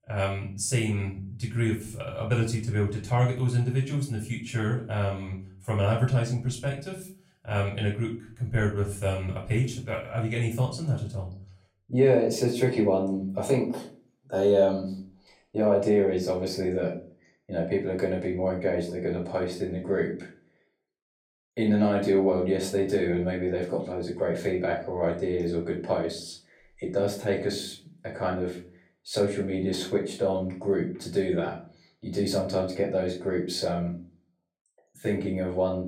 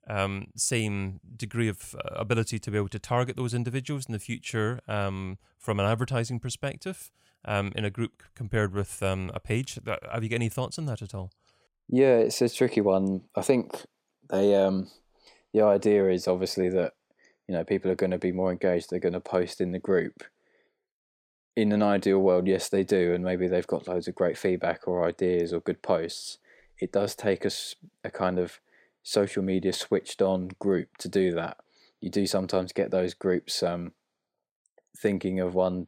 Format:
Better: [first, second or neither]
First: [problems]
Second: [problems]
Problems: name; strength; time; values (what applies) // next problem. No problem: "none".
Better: second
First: off-mic speech; far // room echo; slight; dies away in 0.4 s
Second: none